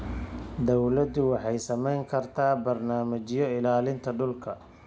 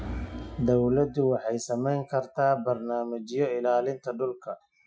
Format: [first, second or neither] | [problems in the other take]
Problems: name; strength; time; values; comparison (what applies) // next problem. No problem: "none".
first | noise reduction (classical method Wiener filter)